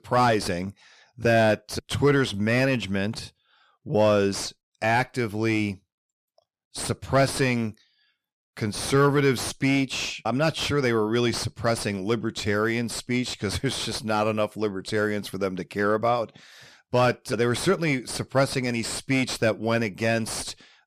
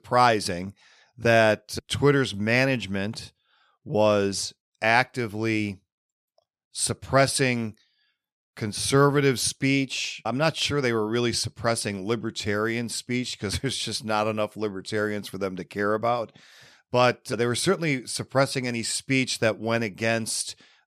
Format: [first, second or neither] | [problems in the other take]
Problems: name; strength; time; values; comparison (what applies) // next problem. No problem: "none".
second | distortion; slight; 10 dB below the speech